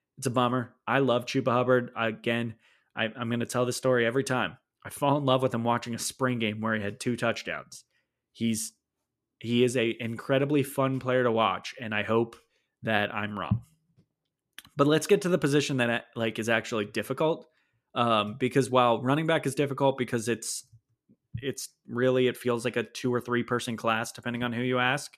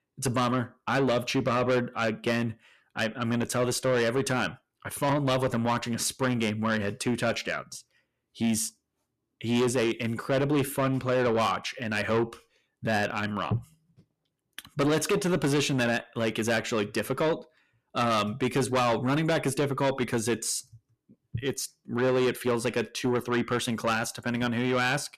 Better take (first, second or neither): first